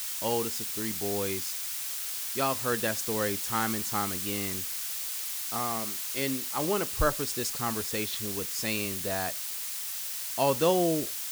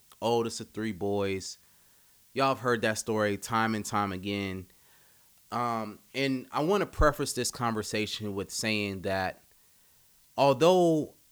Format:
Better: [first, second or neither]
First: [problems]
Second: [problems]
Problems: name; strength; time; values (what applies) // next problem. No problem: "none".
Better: second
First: hiss; loud; throughout; as loud as the speech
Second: hiss; faint; throughout; 30 dB below the speech